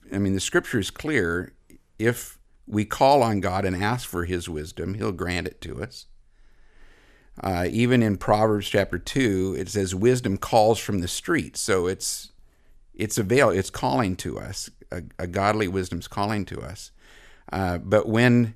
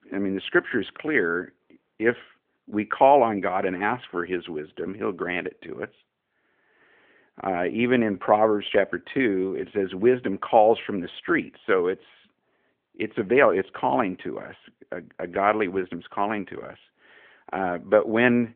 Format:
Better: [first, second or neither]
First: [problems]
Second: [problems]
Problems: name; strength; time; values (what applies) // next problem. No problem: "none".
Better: first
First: none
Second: phone-call audio; nothing above 3.5 kHz